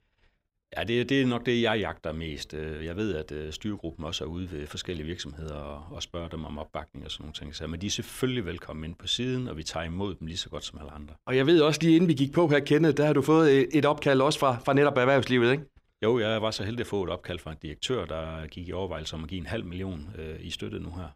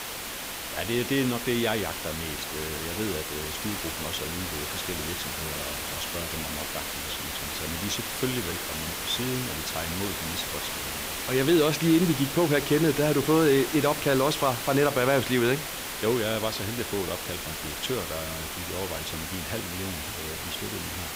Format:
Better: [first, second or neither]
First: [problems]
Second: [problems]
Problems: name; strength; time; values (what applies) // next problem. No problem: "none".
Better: first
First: none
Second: hiss; loud; throughout; 4 dB below the speech